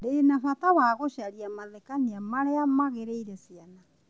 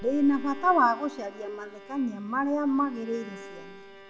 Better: first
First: none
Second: background sound (Bowed string instrument); 18 dB below the speech // room echo; dies away in 1.3 s

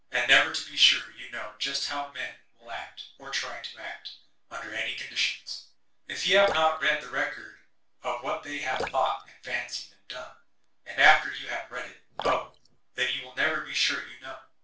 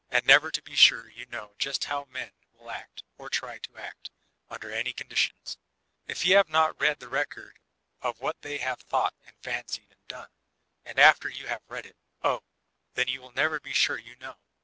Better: second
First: background sound (Drip); 12 dB below the speech // room echo; dies away in 0.3 s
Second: none

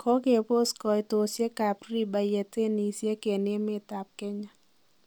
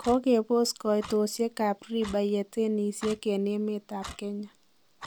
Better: first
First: none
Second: background sound (Clock); 20 dB below the speech

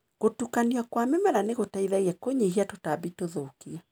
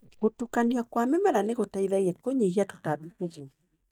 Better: first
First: none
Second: noise reduction (neural mask model DeepFilterNet 3)

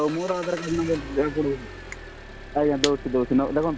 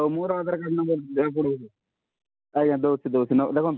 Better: second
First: background sound (Crushing + Engine); 11 dB below the speech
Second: none

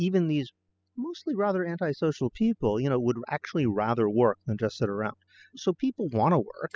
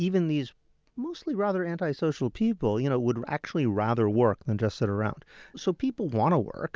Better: second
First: noise reduction (classical method spectral subtraction)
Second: none

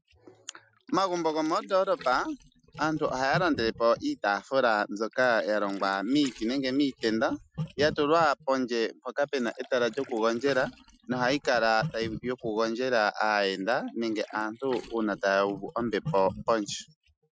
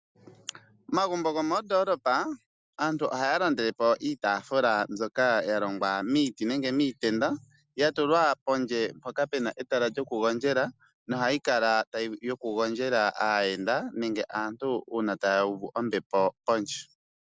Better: second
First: noise reduction (classical method Wiener filter)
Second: none

